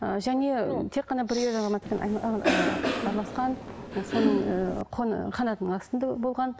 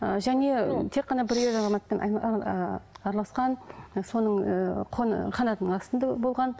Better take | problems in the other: second | background sound (Cough); 1 dB below the speech

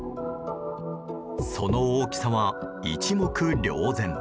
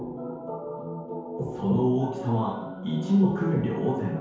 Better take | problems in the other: first | room echo; dies away in 1 s

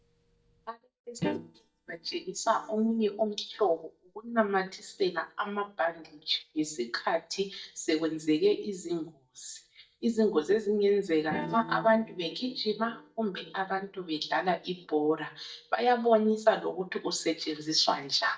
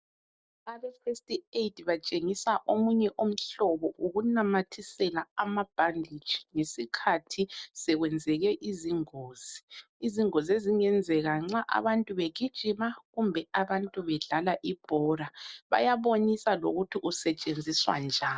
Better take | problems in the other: second | noise reduction (neural mask model DeepFilterNet 3)

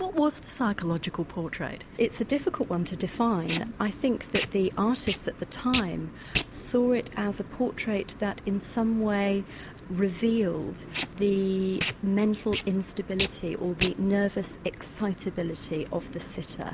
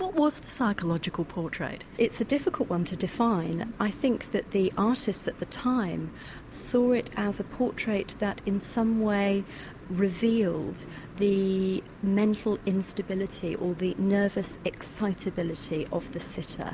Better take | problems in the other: second | background sound (Packing tape, duct tape); 12 dB below the speech

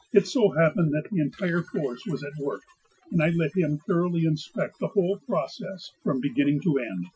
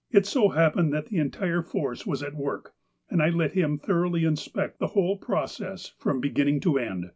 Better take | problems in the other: second | noise reduction (classical method Wiener filter)

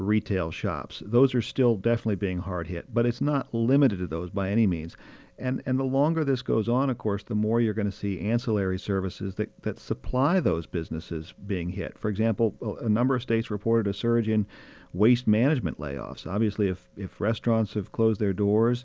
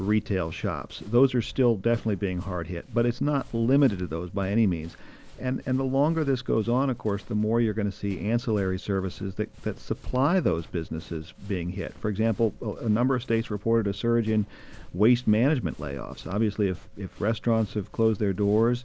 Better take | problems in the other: first | background sound (Run); 19 dB below the speech

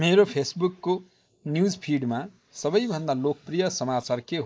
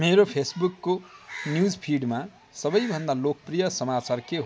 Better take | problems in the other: second | noise reduction (neural mask model Resemble Enhance denoiser)

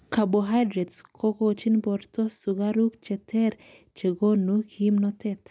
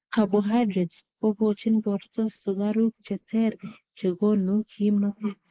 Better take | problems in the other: first | noise reduction (neural mask model Resemble Enhance denoiser)

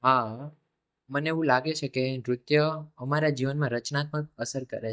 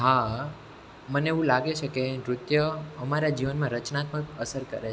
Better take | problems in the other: second | noise reduction (neural mask model DeepFilterNet 3)

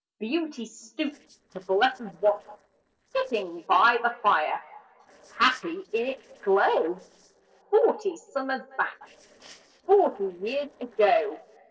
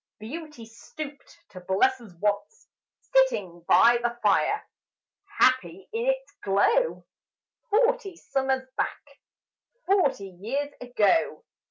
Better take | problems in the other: second | noise reduction (neural separator model SepFormer DNS4)

